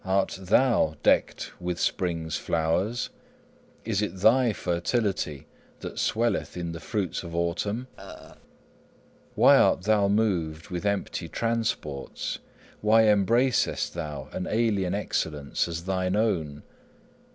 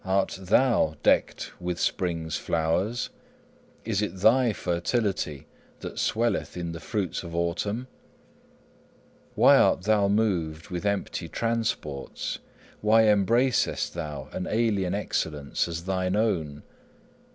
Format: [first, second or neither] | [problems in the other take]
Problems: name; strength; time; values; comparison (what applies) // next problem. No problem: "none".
second | background sound (Burping, eructation); 13 dB below the speech